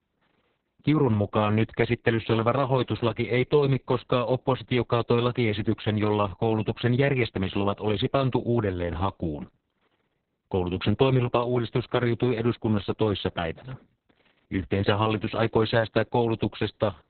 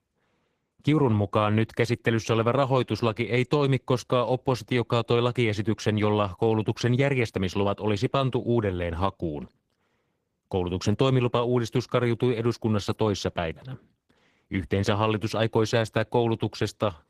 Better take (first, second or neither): second